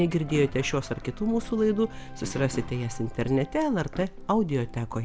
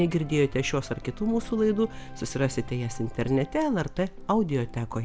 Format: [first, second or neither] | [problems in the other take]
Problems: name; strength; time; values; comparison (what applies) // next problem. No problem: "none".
second | background sound (Guitar); 18 dB below the speech